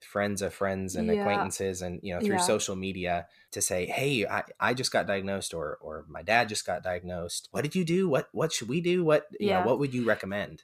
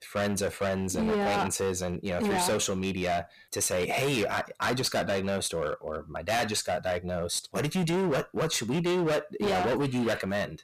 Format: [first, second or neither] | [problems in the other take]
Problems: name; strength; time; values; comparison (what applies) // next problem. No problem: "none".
first | distortion; heavy; 21% of the sound clipped